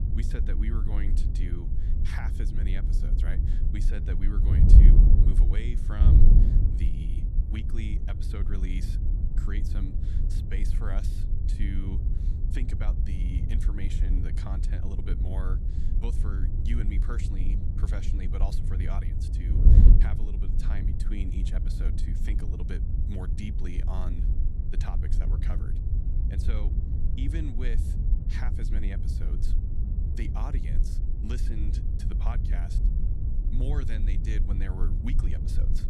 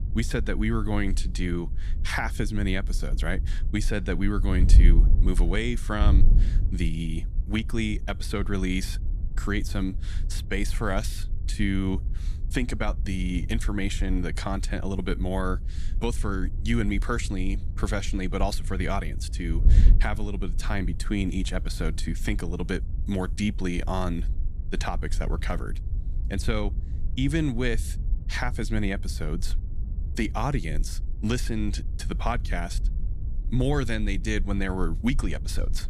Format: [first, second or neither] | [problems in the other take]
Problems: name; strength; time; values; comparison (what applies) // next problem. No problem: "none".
second | wind noise on the microphone; heavy; as loud as the speech; occasional gusts in the second